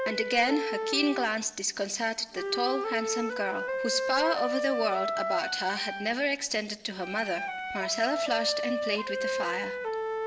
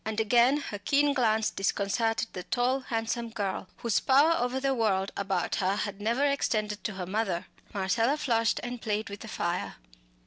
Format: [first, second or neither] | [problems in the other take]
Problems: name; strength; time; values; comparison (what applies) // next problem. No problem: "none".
second | background sound (Wind instrument, woodwind instrument); 2 dB below the speech // room echo; dies away in 2.1 s